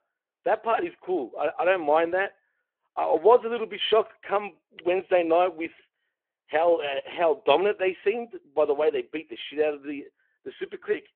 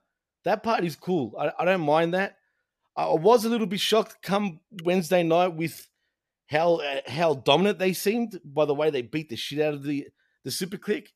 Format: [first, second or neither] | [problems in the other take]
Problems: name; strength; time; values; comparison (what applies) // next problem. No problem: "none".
second | phone-call audio; nothing above 3.5 kHz